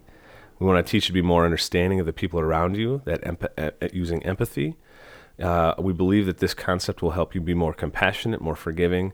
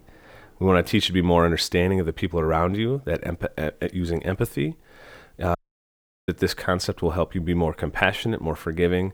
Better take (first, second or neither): first